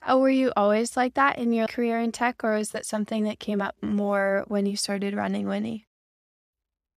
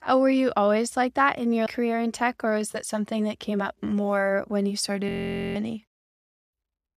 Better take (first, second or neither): first